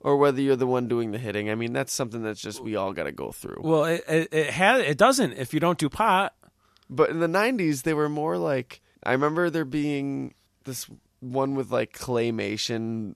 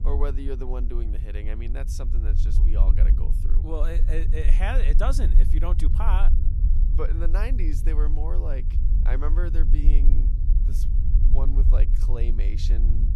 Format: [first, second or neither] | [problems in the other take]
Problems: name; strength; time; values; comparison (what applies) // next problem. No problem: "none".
first | low rumble; loud; throughout; 8 dB below the speech